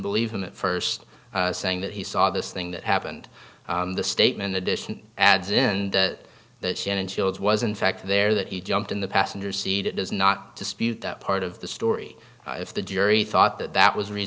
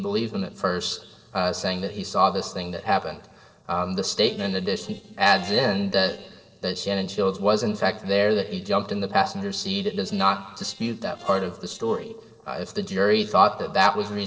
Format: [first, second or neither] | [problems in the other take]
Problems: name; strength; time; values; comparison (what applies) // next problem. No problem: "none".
first | noise reduction (neural separator model SepFormer DNS4)